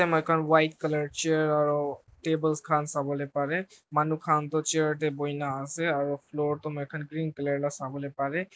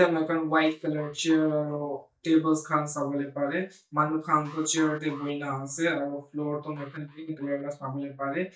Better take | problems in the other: first | noise reduction (neural mask model DeepFilterNet 3)

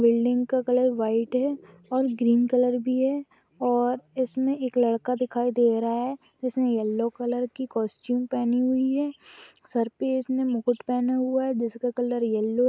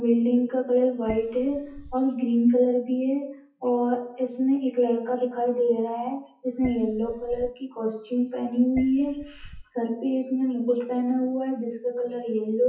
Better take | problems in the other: first | noise reduction (classical method WPE with log-MMSE)

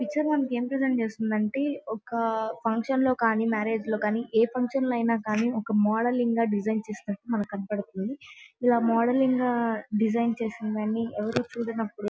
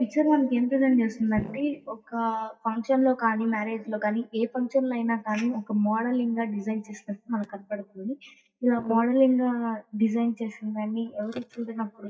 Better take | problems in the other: first | noise reduction (neural mask model DeepFilterNet 3)

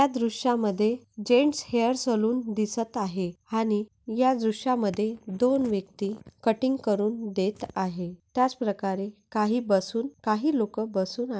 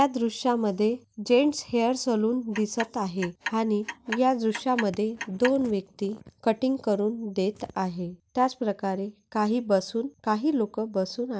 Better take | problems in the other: first | background sound (Clock); 11 dB below the speech

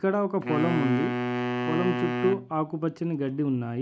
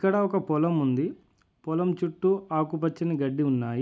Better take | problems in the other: second | background sound (Wind instrument, woodwind instrument); 3 dB below the speech

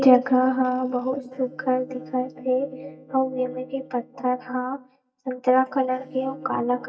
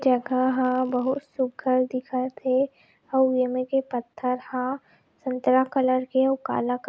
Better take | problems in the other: second | noise reduction (neural mask model DeepFilterNet 3)

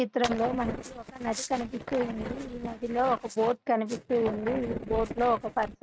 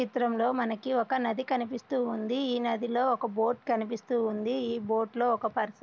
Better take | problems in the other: second | noise reduction (neural mask model RNNoise)

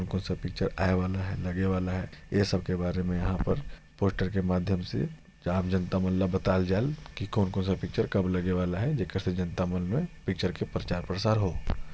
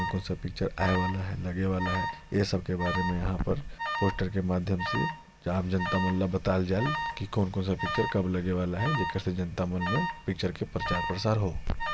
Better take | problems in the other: first | background sound (Alarm); 7 dB below the speech

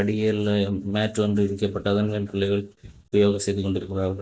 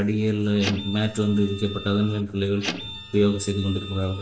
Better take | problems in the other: first | background sound (Printer); 12 dB below the speech // room echo; dies away in 1.6 s

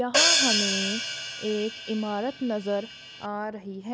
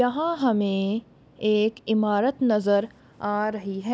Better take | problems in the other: second | background sound (Hi-hat); 3 dB above the speech

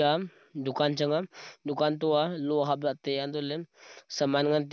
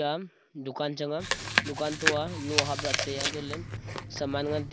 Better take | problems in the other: first | background sound (Chewing, mastication); 2 dB above the speech

